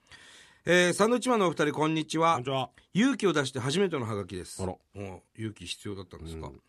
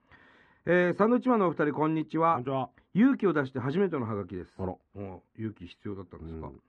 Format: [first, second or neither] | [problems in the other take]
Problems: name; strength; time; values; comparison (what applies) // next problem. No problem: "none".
first | muffled; very; fading above 1.5 kHz